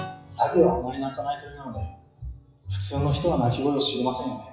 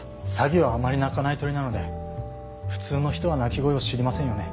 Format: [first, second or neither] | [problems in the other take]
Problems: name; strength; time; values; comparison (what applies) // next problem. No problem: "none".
second | noise reduction (classical method WPE with log-MMSE)